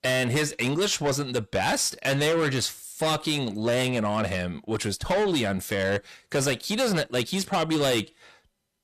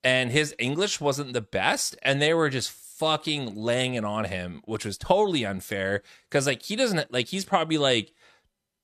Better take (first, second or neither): second